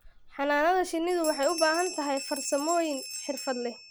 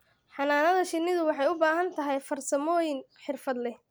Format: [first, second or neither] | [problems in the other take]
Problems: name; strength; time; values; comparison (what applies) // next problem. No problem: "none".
second | background sound (Bell); 11 dB below the speech